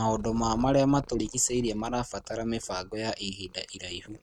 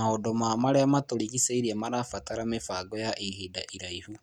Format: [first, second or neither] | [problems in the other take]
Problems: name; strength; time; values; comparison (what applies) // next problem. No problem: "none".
second | noise reduction (neural mask model RNNoise)